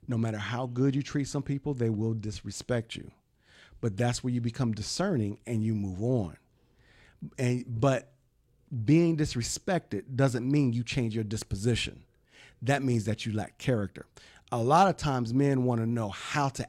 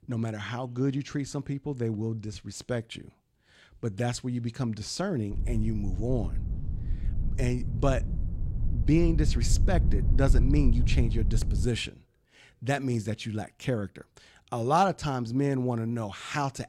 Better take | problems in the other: first | low rumble; noticeable; from 5.5 to 12 s; 15 dB below the speech

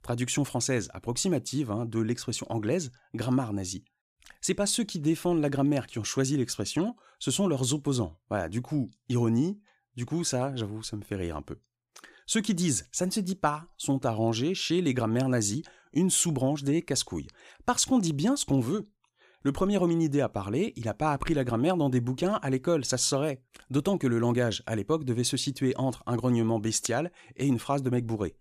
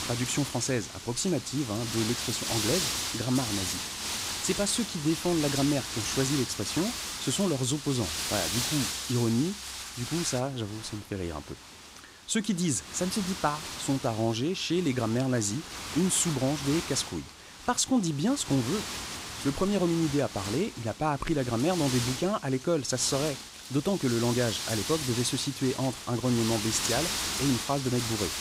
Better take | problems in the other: first | wind noise on the microphone; heavy; 2 dB below the speech

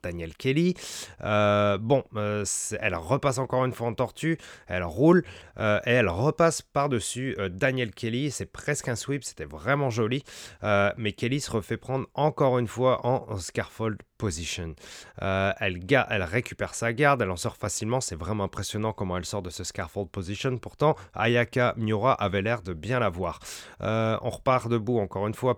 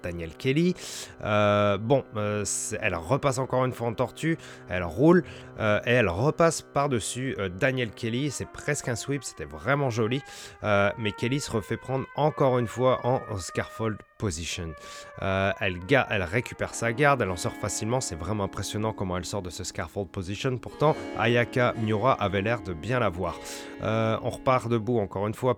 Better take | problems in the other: first | background music; noticeable; throughout; 20 dB below the speech

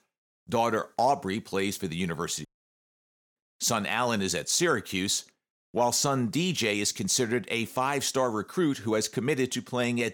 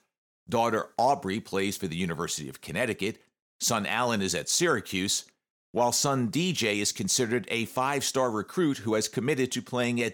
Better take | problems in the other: second | audio cutting out; at 2.5 s for 1 s

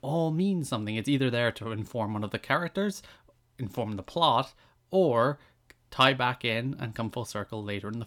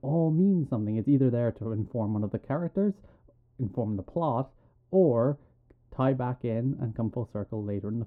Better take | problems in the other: first | muffled; very; fading above 1.5 kHz

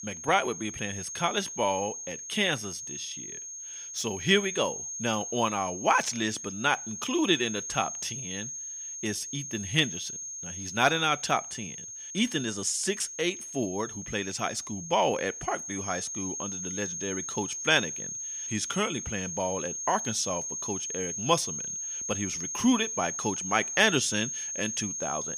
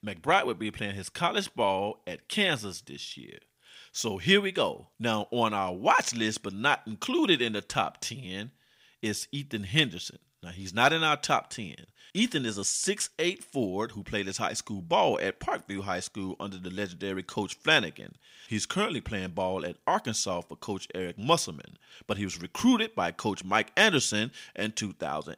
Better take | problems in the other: second | high-pitched whine; loud; throughout; 6.5 kHz, 5 dB below the speech

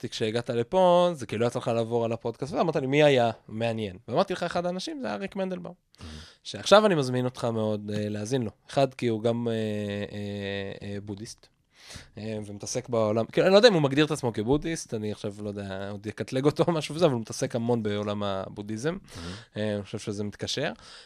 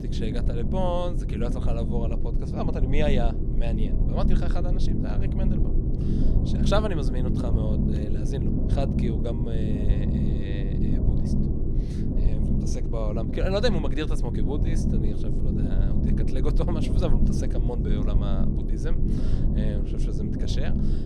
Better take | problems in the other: first | low rumble; loud; throughout; 2 dB below the speech

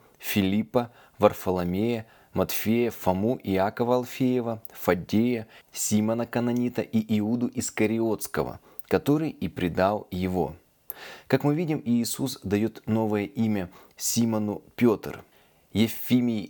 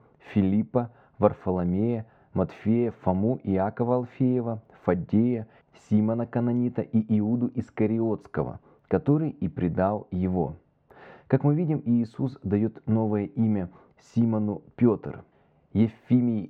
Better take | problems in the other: first | muffled; very; fading above 1.5 kHz

